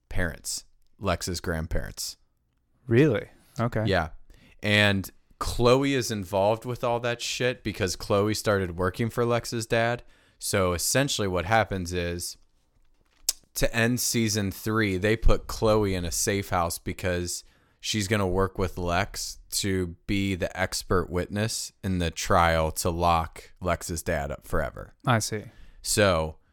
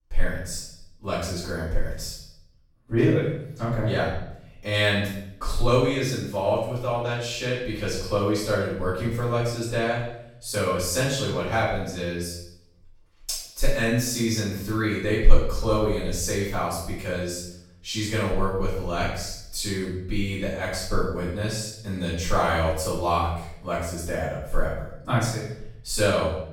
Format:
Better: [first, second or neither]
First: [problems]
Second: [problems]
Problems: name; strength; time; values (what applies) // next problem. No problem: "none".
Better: first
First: none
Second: off-mic speech; far // room echo; noticeable; dies away in 0.7 s